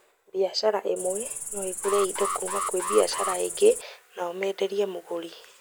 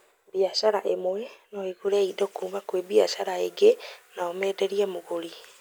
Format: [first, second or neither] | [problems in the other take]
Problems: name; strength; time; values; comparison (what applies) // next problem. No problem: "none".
second | background sound (Alarm + Cricket); 4 dB below the speech